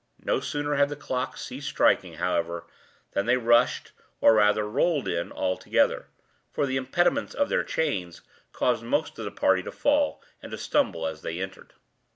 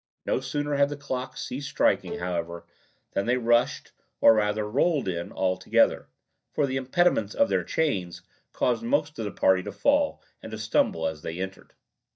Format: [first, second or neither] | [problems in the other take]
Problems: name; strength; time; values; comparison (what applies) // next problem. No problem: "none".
first | noise reduction (neural mask model DeepFilterNet 3)